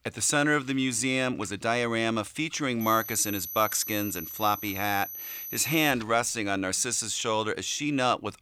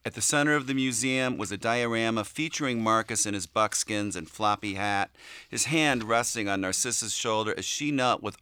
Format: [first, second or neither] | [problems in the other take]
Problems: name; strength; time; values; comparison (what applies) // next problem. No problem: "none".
second | high-pitched whine; loud; from 3 to 6 s; 12 kHz, 9 dB below the speech